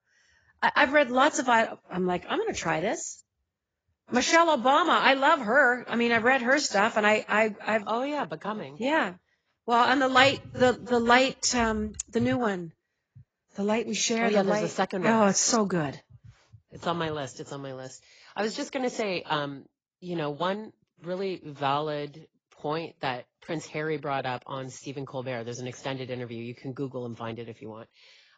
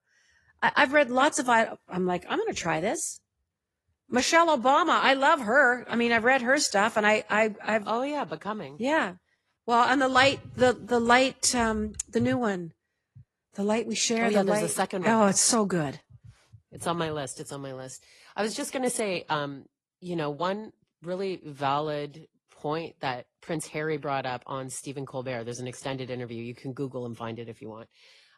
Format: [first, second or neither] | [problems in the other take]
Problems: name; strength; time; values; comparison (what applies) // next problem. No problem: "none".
second | garbled, watery; badly; nothing above 7.5 kHz; slightly in the second